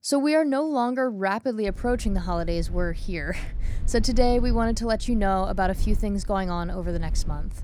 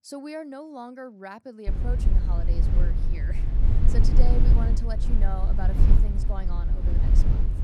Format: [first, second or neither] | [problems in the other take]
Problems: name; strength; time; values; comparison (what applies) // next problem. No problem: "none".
first | low rumble; loud; from 1.5 s on; 1 dB below the speech; faint in the first